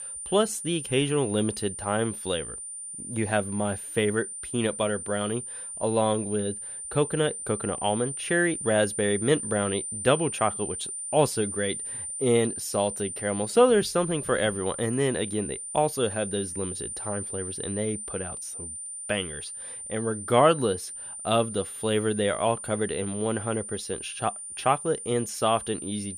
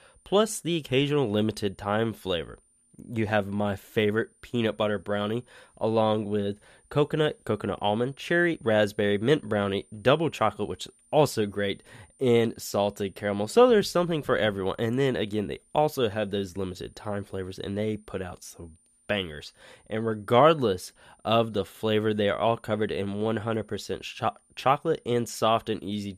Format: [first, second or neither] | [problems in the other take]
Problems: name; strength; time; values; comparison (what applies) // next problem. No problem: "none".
second | high-pitched whine; loud; throughout; 9 kHz, 7 dB below the speech; faint in the second